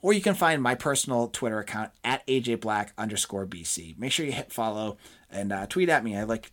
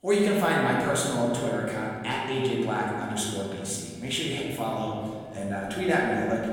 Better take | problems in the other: first | room echo; noticeable; dies away in 2.4 s // off-mic speech; far

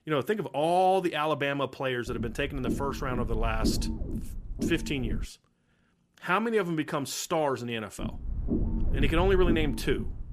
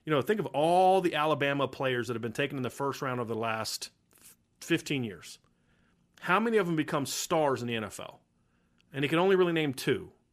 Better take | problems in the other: second | low rumble; noticeable; from 2 to 5.5 s and from 8 s on; 10 dB below the speech

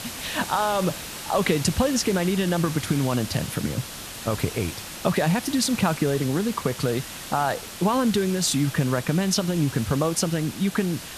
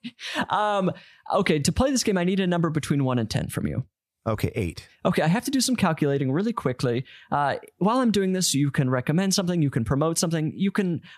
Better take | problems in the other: second | hiss; loud; throughout; 10 dB below the speech

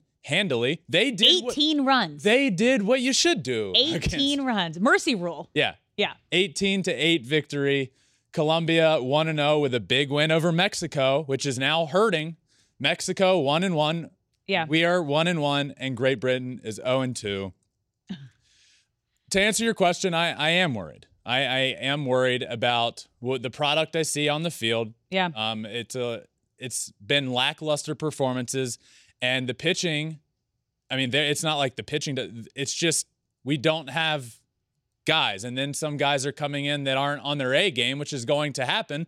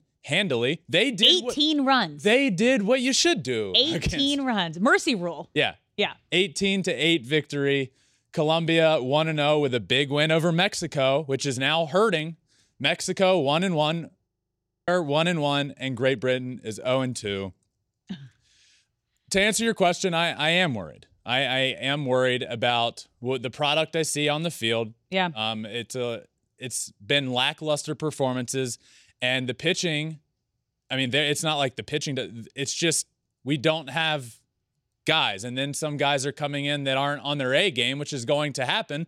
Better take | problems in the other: first | audio freezing; at 14 s for 0.5 s

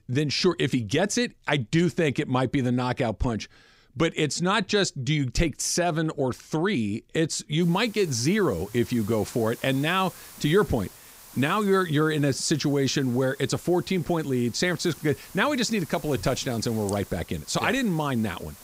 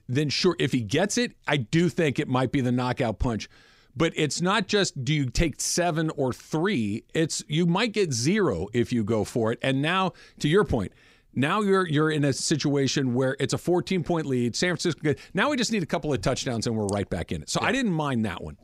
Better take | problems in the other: second | hiss; faint; from 7.5 s on; 20 dB below the speech

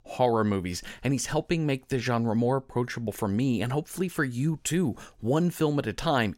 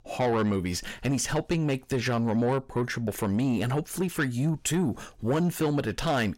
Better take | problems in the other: first | distortion; slight; 10 dB below the speech

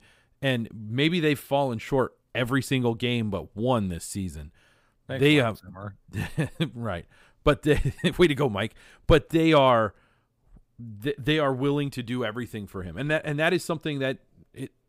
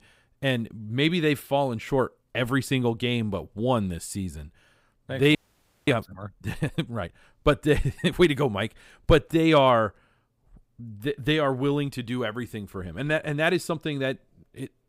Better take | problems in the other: first | audio freezing; at 5.5 s for 0.5 s

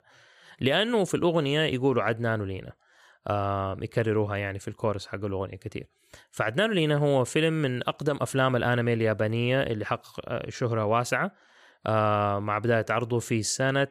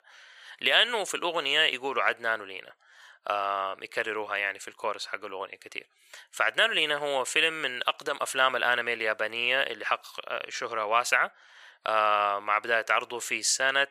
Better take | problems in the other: first | thin; very; fading below 800 Hz

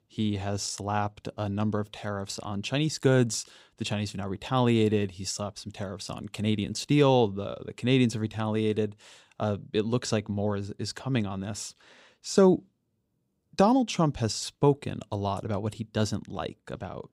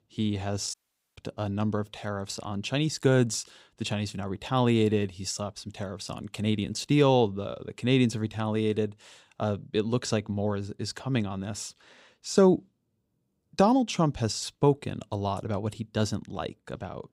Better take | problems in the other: first | audio cutting out; at 0.5 s

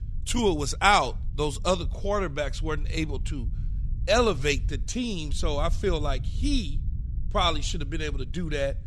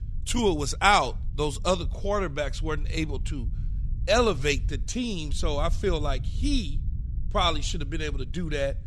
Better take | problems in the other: neither | low rumble; faint; throughout; 25 dB below the speech; the same in both

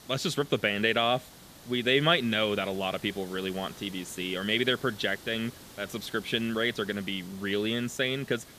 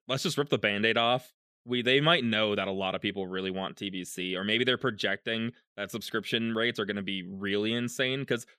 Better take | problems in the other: second | hiss; noticeable; throughout; 20 dB below the speech

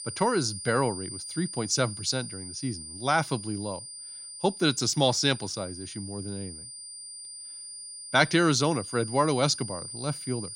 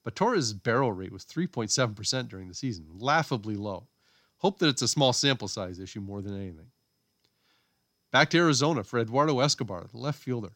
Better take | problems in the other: second | high-pitched whine; noticeable; throughout; 9 kHz, 10 dB below the speech

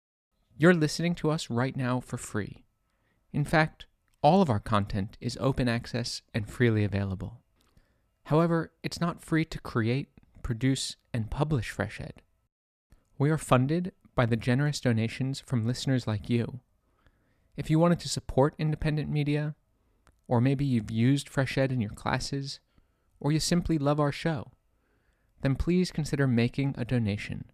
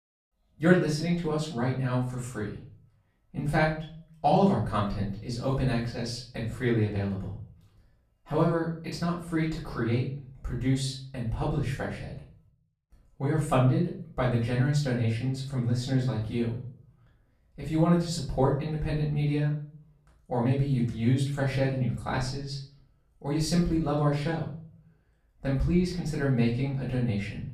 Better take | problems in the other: first | room echo; noticeable; dies away in 0.4 s // off-mic speech; far

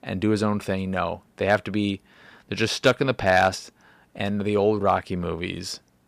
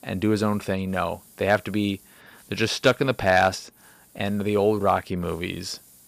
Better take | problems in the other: first | hiss; faint; throughout; 25 dB below the speech

